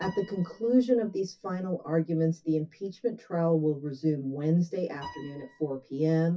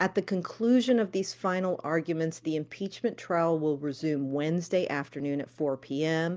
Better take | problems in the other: second | noise reduction (classical method WPE with log-MMSE)

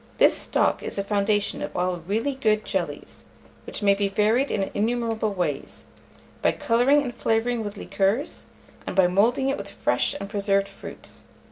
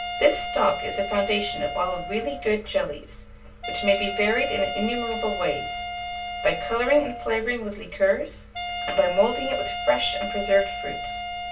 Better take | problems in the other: first | background sound (Wind instrument, woodwind instrument); 7 dB below the speech // room echo; dies away in 0.2 s

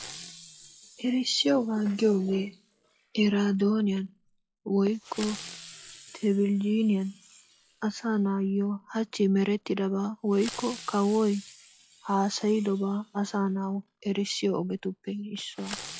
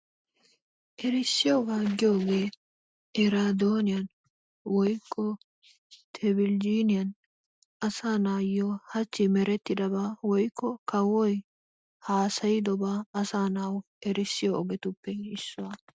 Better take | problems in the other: second | noise reduction (classical method log-MMSE)

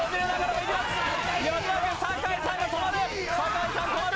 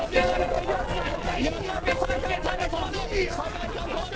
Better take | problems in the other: first | noise reduction (neural separator model SepFormer DNS4)

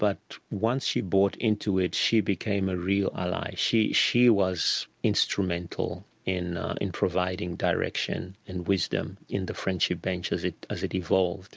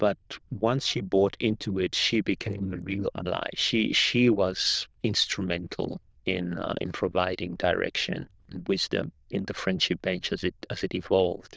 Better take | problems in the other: first | noise reduction (neural diffusion model UNIVERSE++)

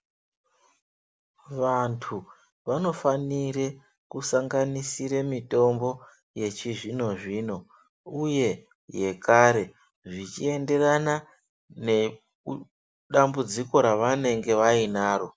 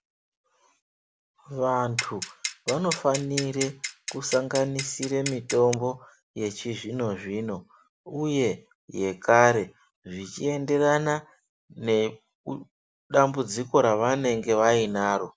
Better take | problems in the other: first | background sound (Clock); 8 dB below the speech

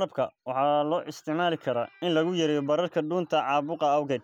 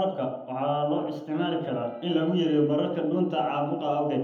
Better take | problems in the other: first | room echo; dies away in 0.8 s

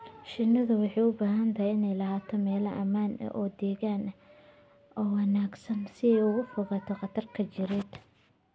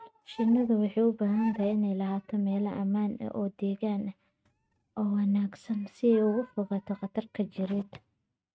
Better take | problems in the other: first | noise reduction (neural mask model RNNoise)

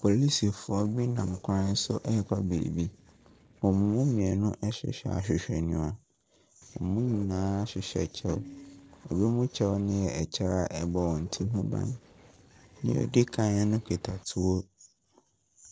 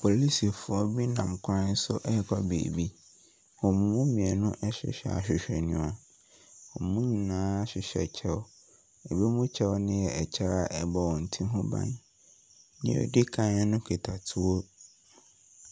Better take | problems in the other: second | noise reduction (neural separator model SepFormer DNS4)

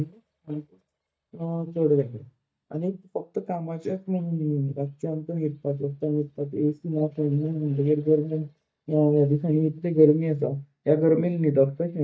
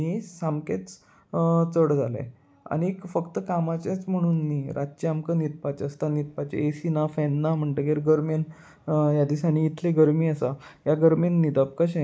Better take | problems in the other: second | noise reduction (neural mask model DeepFilterNet 3)

